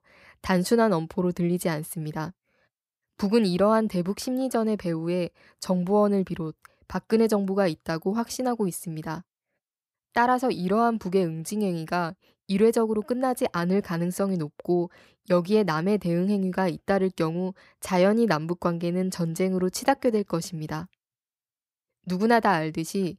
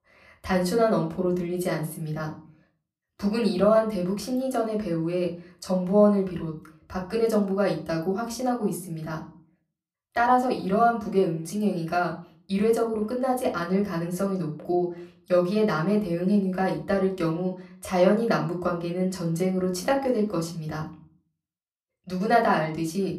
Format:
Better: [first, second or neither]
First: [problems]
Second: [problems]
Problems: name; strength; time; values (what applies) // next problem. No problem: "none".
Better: first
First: none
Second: off-mic speech; far // room echo; very slight; dies away in 0.4 s